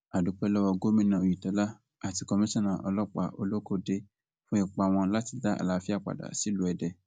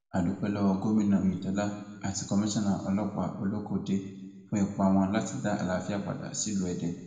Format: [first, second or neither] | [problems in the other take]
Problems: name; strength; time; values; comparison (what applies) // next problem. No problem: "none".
first | room echo; dies away in 1.2 s